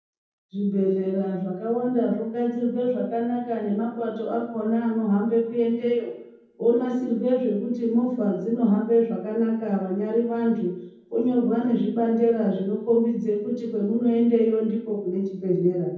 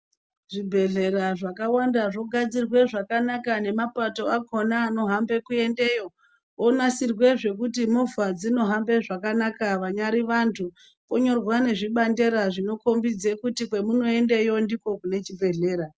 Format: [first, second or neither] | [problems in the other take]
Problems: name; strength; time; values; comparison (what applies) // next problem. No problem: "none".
second | room echo; dies away in 0.9 s